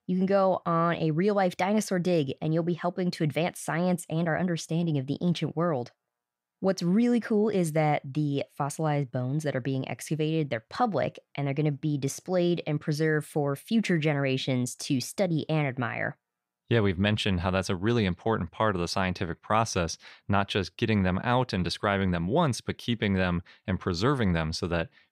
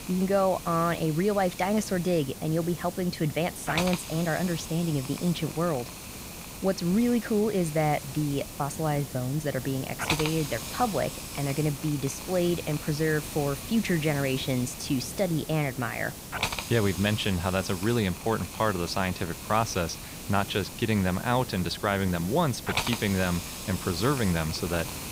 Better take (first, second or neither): first